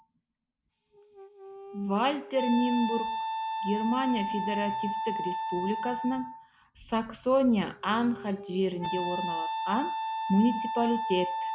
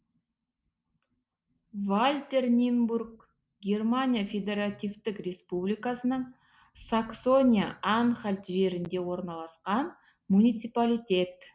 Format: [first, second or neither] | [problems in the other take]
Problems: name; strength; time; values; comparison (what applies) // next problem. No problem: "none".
second | background sound (Wind instrument, woodwind instrument); 4 dB below the speech